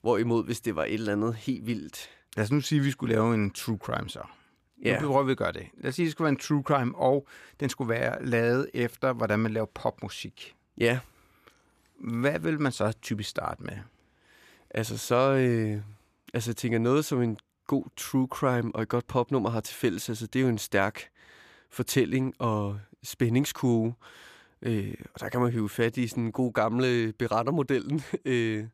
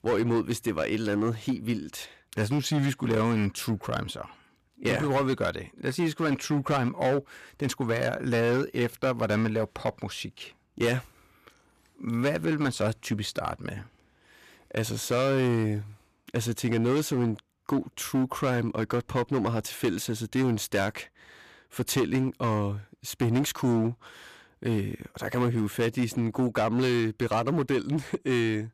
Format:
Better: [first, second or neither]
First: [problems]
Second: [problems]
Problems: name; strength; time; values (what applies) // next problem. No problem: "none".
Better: first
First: none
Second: distortion; slight; 9% of the sound clipped